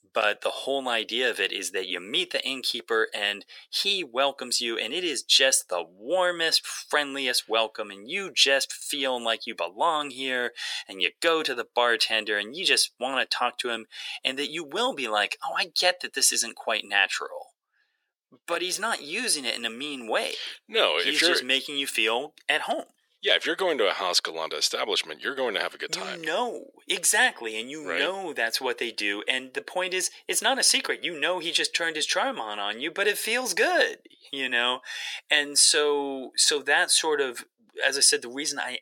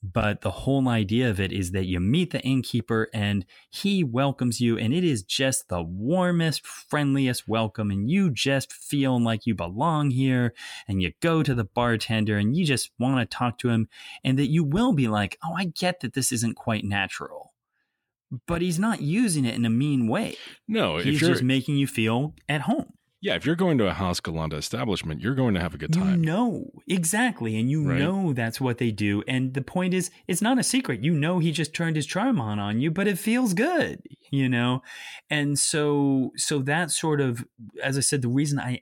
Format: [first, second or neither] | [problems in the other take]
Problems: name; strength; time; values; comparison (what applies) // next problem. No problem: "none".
second | thin; very; fading below 450 Hz